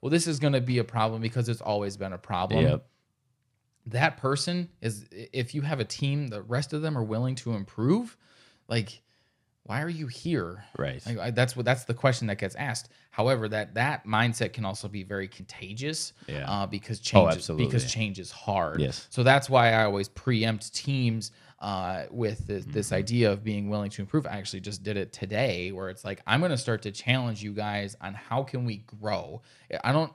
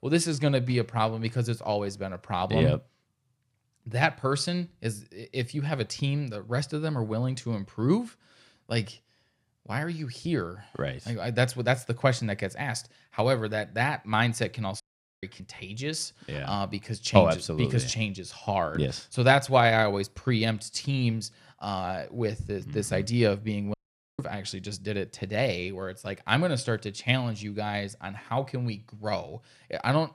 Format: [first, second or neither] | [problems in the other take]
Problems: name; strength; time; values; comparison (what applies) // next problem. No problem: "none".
first | audio cutting out; at 15 s and at 24 s